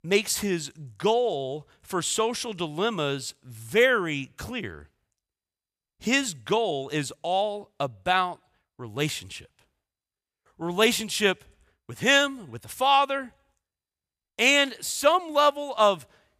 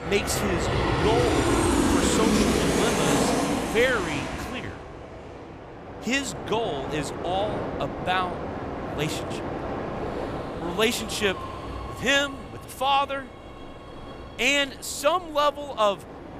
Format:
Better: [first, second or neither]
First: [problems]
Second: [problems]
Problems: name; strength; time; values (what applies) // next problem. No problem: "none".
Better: first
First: none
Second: train or aircraft noise; loud; throughout; as loud as the speech